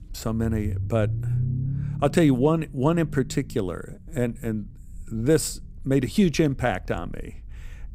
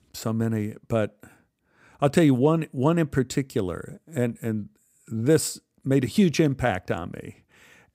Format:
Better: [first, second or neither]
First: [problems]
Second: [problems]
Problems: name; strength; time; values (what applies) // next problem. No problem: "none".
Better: second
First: low rumble; noticeable; throughout; 15 dB below the speech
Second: none